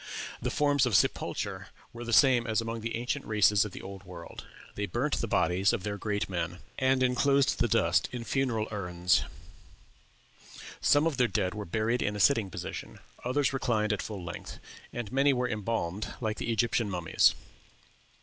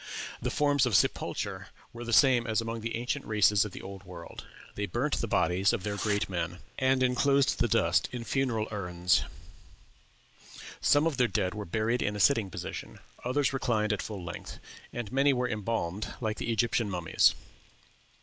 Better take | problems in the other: first | background sound (Tearing); 12 dB below the speech

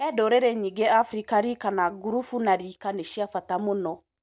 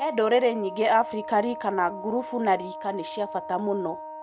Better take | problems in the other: first | background sound (Wind instrument, woodwind instrument); 11 dB below the speech

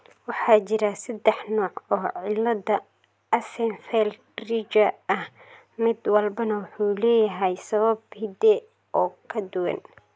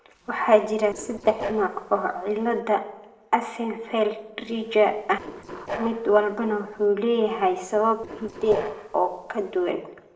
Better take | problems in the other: first | noise reduction (neural separator model SepFormer DNS4)

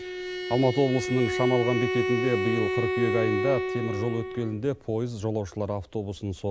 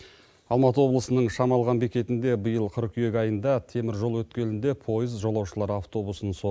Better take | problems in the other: second | background sound (Bowed string instrument); 3 dB below the speech

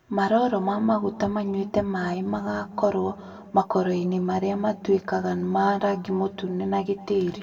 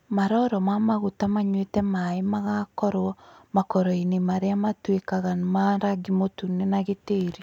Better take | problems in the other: second | room echo; dies away in 1.8 s

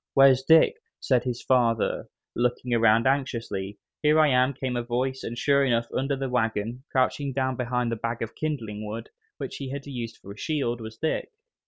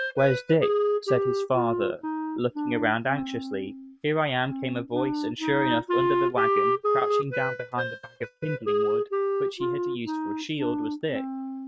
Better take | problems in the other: first | noise reduction (neural mask model RNNoise)

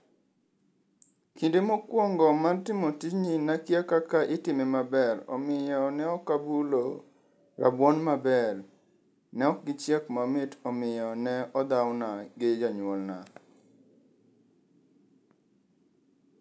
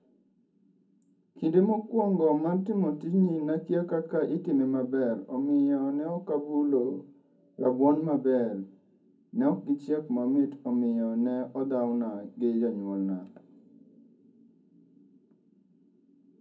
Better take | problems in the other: first | room echo; dies away in 0.4 s

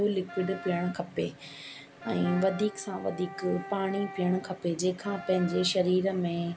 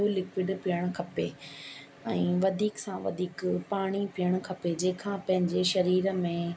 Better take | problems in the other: second | background sound (Wind instrument, woodwind instrument + Wind instrument, woodwind instrument); 15 dB below the speech

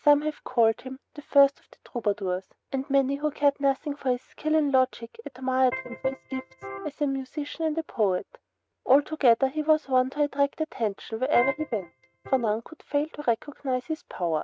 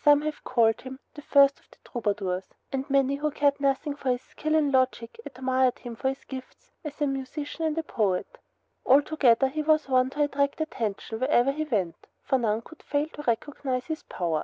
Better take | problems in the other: second | noise reduction (neural mask model RNNoise)

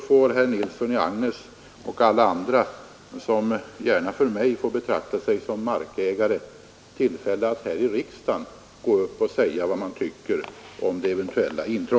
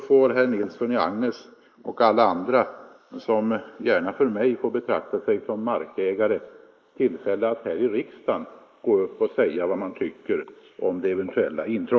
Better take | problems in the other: first | noise reduction (neural mask model Resemble Enhance denoiser)

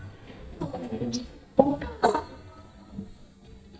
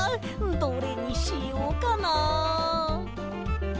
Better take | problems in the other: second | noise reduction (neural mask model DeepFilterNet 3)

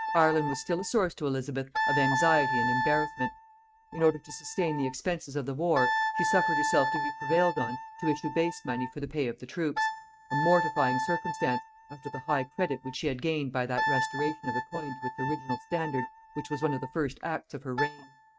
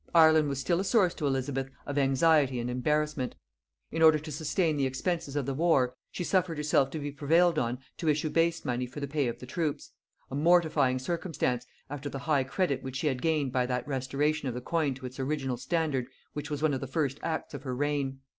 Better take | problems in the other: second | noise reduction (neural mask model RNNoise)

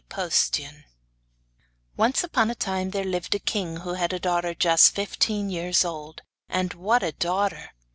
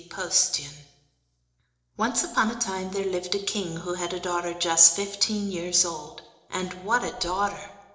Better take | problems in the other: first | noise reduction (neural separator model SepFormer DNS4)

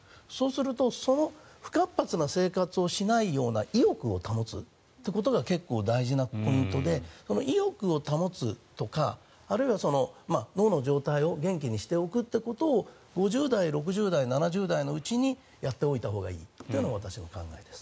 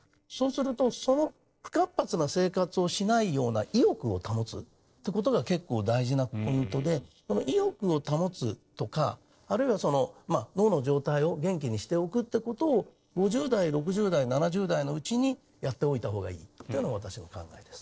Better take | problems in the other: first | noise reduction (neural separator model SepFormer DNS4)

